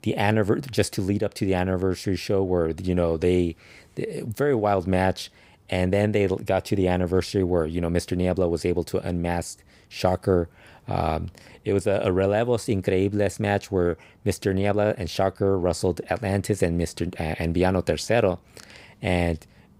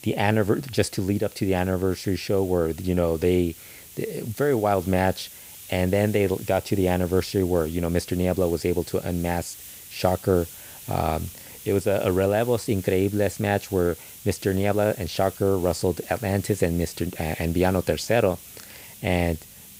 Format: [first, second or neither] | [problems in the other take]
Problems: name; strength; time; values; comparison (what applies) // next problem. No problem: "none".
first | hiss; noticeable; throughout; 15 dB below the speech